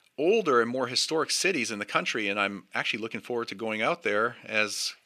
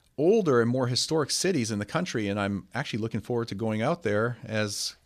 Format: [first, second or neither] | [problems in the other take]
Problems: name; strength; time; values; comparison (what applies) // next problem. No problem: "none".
second | thin; somewhat; fading below 300 Hz